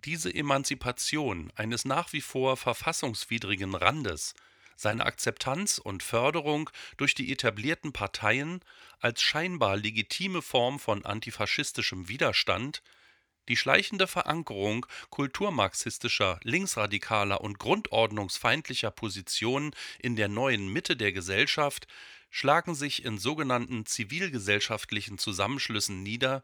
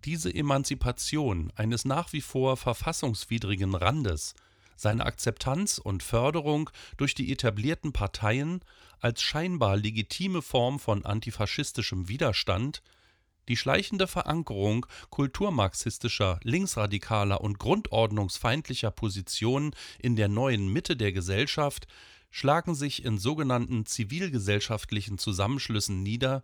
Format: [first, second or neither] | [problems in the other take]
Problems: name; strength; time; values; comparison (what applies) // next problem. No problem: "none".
second | thin; very slightly; fading below 300 Hz